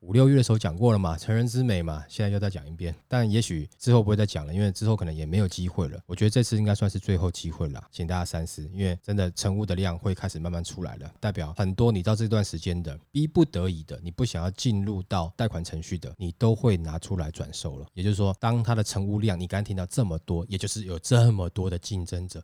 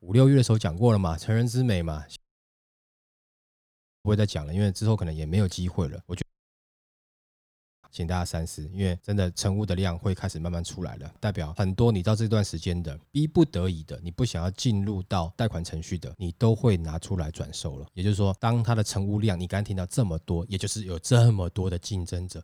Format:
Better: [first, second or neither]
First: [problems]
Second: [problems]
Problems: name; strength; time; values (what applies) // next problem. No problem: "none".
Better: first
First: none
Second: audio cutting out; at 2 s for 2 s and at 6 s for 1.5 s